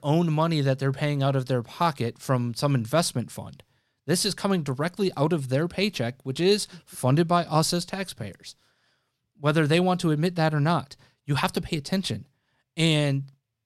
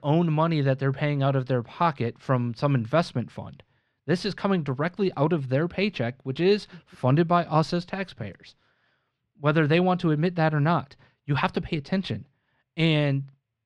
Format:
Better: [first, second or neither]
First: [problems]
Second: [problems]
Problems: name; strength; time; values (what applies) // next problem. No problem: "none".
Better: first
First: none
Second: muffled; slightly; fading above 2.5 kHz